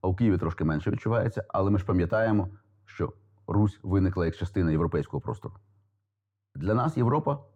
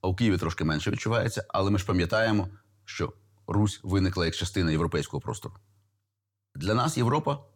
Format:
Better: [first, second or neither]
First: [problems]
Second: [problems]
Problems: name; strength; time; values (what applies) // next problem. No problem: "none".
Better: second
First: muffled; very; fading above 2 kHz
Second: none